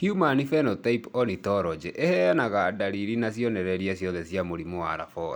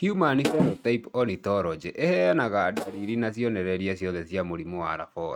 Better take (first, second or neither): first